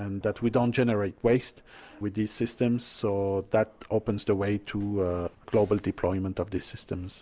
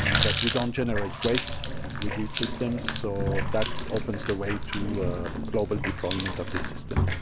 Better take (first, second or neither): first